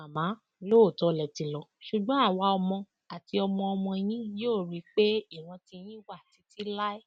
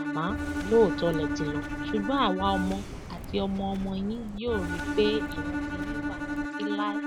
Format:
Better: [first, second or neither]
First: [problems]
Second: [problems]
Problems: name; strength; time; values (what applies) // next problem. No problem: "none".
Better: first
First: none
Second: background sound (Bowed string instrument + Subway, metro, underground); 2 dB below the speech